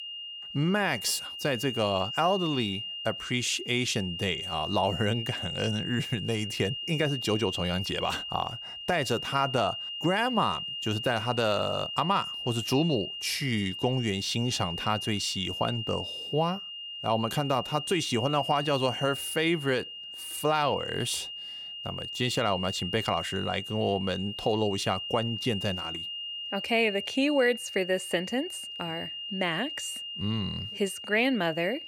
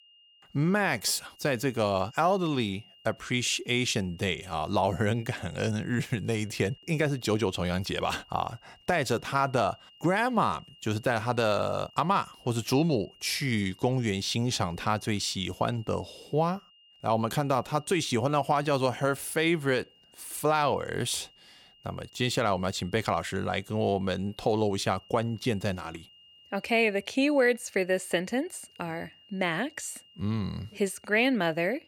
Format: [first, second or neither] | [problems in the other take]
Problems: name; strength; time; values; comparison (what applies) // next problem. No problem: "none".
second | high-pitched whine; loud; throughout; 3 kHz, 6 dB below the speech; faint in the second